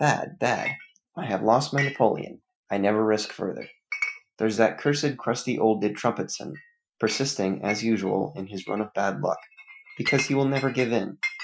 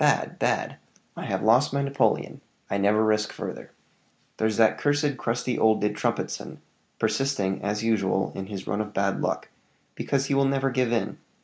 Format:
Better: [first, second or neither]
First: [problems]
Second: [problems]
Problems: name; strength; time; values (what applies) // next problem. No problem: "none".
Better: second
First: noise reduction (classical method Wiener filter)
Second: none